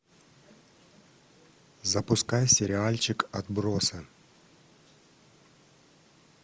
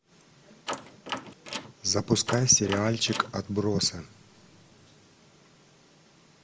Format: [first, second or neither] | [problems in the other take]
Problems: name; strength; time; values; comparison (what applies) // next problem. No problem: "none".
first | background sound (Door); 9 dB below the speech // room echo; dies away in 0.7 s